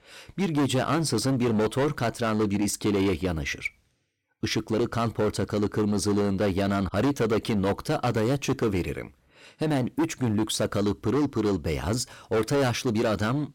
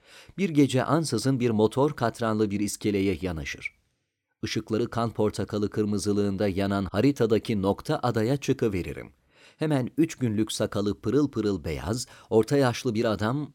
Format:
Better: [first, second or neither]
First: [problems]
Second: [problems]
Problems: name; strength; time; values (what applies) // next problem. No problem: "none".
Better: second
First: distortion; heavy; 16% of the sound clipped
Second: none